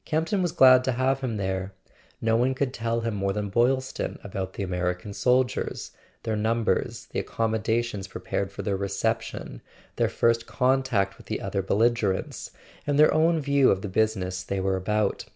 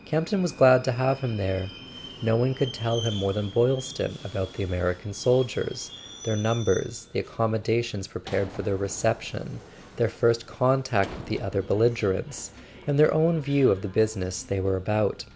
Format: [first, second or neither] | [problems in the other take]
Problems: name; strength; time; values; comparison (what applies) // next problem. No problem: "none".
first | background sound (Subway, metro, underground); 18 dB below the speech